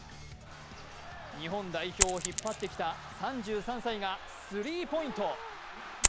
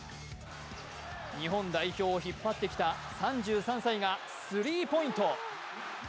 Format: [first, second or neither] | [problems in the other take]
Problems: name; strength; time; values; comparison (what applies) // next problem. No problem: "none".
second | background sound (Coin (dropping)); 1 dB below the speech